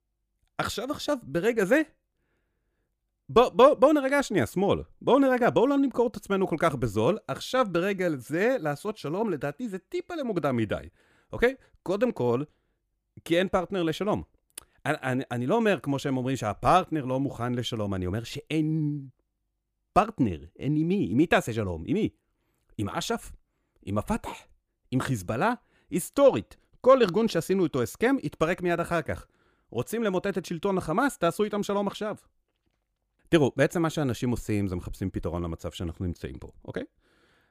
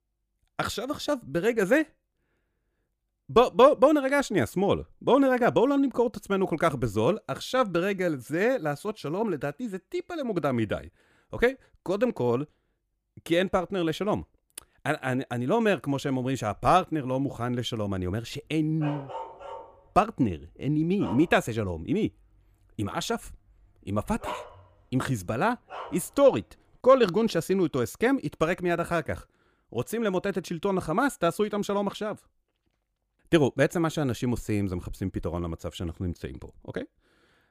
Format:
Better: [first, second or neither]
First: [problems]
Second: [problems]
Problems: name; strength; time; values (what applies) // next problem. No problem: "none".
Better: first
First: none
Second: dog barking; faint; from 19 to 26 s; peak 10 dB below the speech